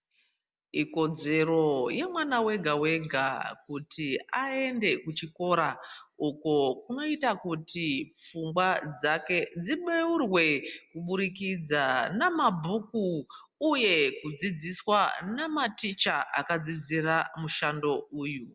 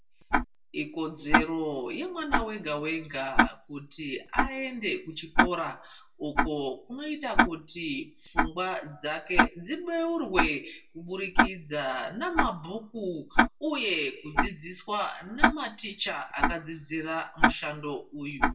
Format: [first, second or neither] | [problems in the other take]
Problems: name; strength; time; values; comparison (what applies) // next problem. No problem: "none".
first | background sound (Tick-tock); 3 dB above the speech // room echo; dies away in 0.2 s